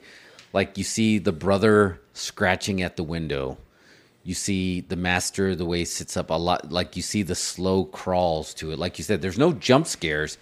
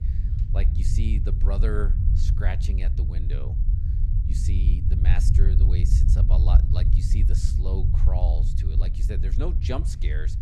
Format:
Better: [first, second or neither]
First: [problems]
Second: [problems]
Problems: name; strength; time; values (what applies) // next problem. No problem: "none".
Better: first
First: none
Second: low rumble; loud; throughout; 2 dB below the speech